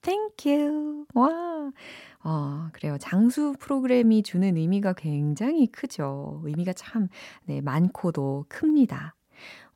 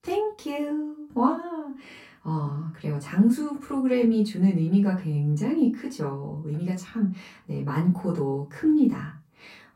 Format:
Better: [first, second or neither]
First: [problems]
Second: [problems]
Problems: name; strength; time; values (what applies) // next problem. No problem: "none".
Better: first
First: none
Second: off-mic speech; far // room echo; very slight; dies away in 0.2 s